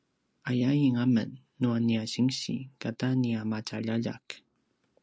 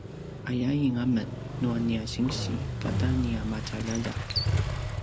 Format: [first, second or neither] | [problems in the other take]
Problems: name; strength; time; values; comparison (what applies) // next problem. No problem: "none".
first | background sound (Motorcycle); 2 dB below the speech